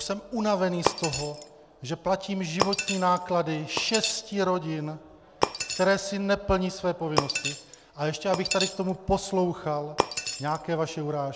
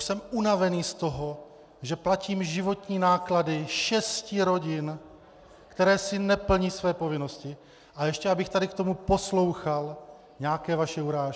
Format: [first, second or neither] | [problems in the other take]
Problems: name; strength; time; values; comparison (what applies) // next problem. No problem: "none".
second | background sound (Shatter); 6 dB below the speech